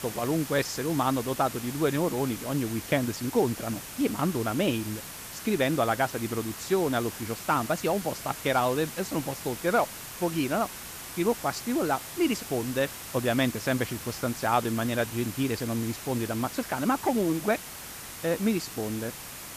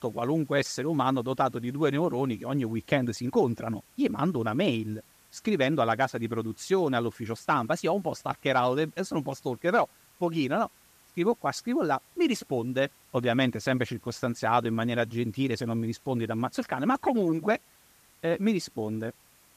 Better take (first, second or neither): second